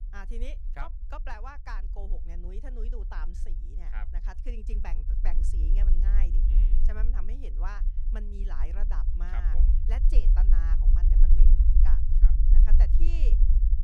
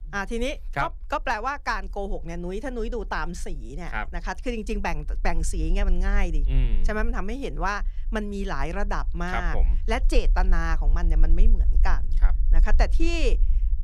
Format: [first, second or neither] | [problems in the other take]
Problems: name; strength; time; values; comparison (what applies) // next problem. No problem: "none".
second | low rumble; loud; throughout; 4 dB below the speech; faint in the second